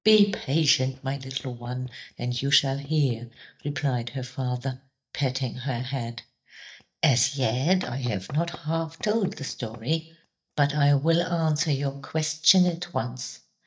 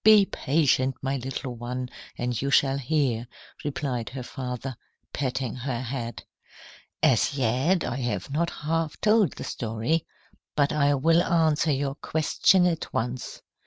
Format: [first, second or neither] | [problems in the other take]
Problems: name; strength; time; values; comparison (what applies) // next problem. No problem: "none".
second | noise reduction (neural mask model DeepFilterNet 3)